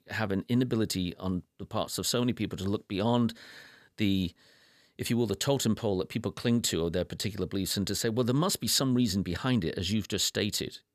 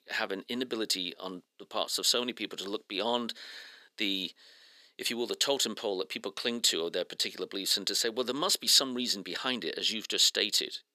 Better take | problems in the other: first | thin; somewhat; fading below 300 Hz

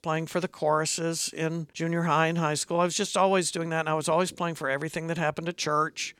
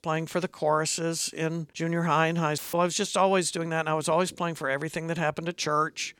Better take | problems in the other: first | audio cutting out; filled with static; at 2.5 s

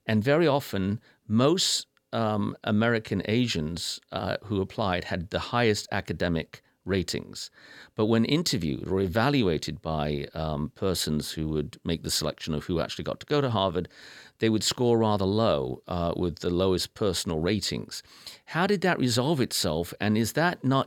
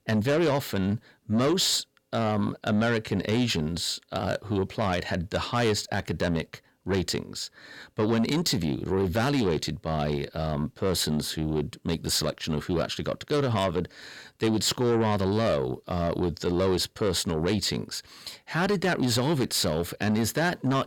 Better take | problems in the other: first | distortion; slight; 10 dB below the speech

